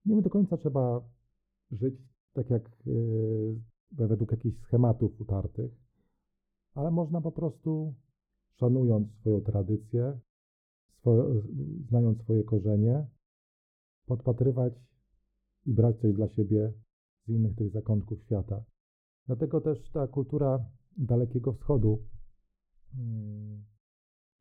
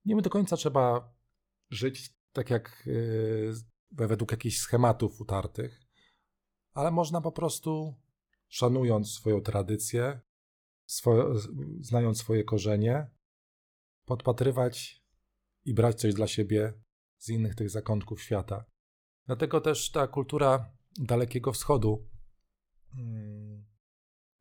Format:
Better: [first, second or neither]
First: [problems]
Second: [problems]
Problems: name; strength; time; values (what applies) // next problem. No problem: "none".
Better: second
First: muffled; very; fading above 1 kHz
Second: none